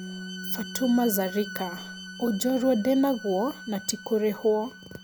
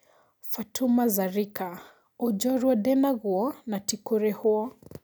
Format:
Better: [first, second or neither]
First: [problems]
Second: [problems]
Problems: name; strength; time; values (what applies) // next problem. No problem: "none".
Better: second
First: background sound (Bowed string instrument + Bass guitar); 13 dB below the speech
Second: none